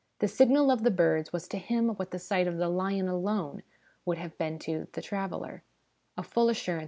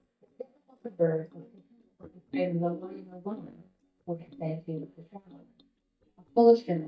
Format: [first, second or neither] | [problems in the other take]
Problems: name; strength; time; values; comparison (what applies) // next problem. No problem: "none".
first | noise reduction (neural mask model DeepFilterNet 3)